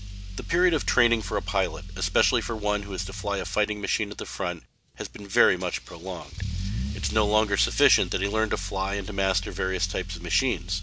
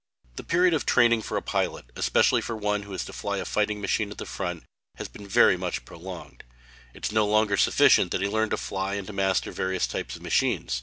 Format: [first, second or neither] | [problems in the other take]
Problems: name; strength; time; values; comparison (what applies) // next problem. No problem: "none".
second | background sound (Engine starting / Accelerating, revving, vroom / Car); 8 dB below the speech